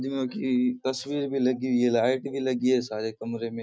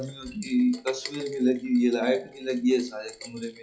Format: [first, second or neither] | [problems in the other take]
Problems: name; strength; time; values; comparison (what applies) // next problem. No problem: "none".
first | noise reduction (classical method WPE with log-MMSE)